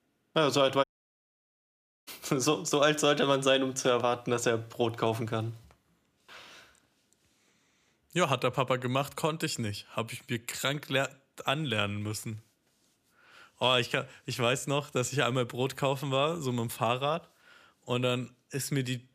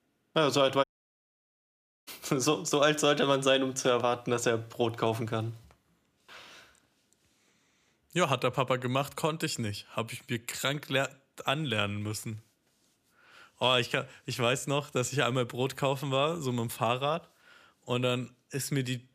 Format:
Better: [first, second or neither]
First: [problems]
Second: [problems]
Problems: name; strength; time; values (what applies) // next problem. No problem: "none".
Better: neither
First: audio cutting out; at 1 s for 1 s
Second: audio cutting out; at 1 s for 1 s